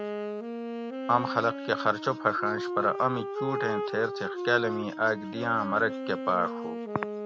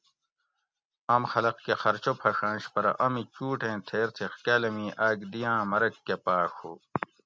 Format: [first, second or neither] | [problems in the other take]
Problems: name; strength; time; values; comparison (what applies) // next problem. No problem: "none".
second | background sound (Wind instrument, woodwind instrument); 5 dB below the speech